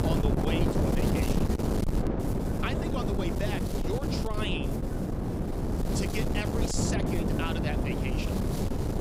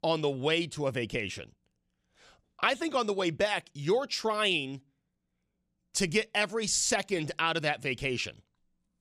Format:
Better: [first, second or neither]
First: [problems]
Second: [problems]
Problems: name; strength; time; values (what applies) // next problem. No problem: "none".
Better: second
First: wind noise on the microphone; heavy; 2 dB above the speech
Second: none